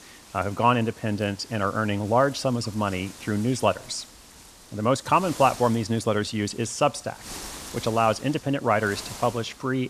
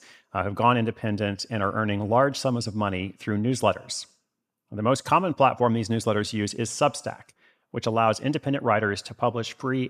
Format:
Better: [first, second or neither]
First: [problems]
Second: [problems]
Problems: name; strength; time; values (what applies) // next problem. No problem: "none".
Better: second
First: wind noise on the microphone; occasional gusts; 20 dB below the speech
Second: none